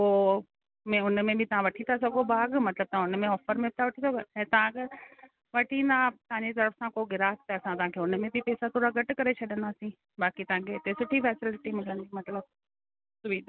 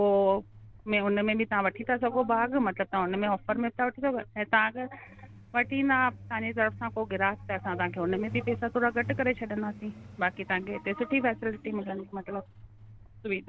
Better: first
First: none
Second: background sound (Truck); 17 dB below the speech

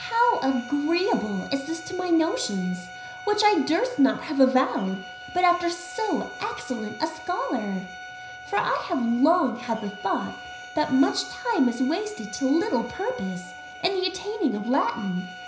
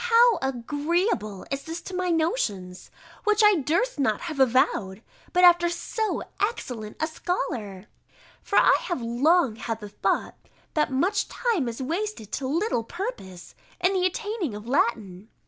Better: second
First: background sound (Bowed string instrument); 15 dB below the speech // room echo; dies away in 0.5 s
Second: none

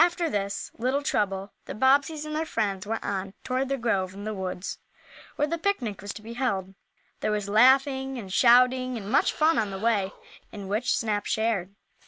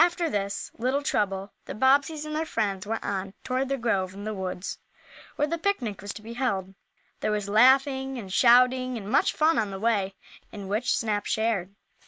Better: second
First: background sound (Animal); 18 dB below the speech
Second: none

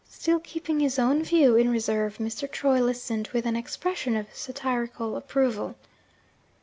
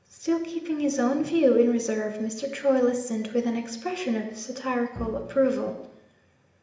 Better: first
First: none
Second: background sound (Bowed string instrument); 17 dB below the speech // room echo; dies away in 0.8 s

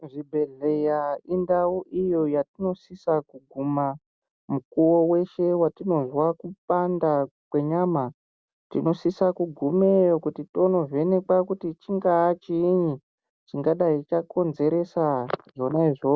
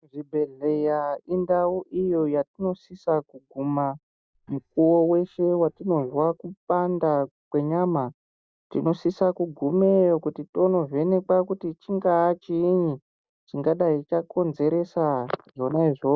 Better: first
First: none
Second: noise reduction (neural mask model DeepFilterNet 3)

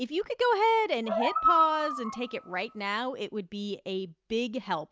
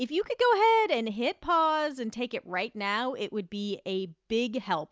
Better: second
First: background sound (Animal); 1 dB below the speech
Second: none

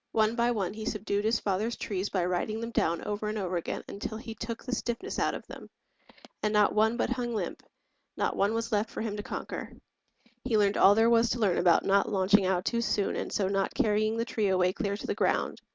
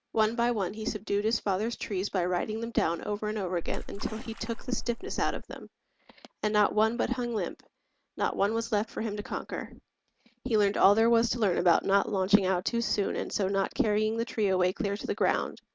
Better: first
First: none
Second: background sound (Splash, splatter); 3 dB below the speech

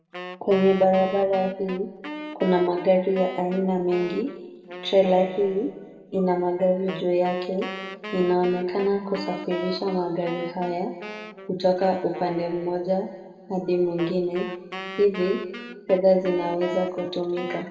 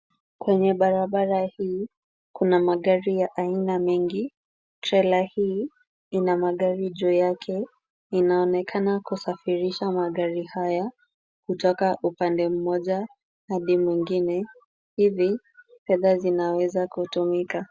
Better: second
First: background sound (Wind instrument, woodwind instrument); 14 dB below the speech // room echo; dies away in 1.7 s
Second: none

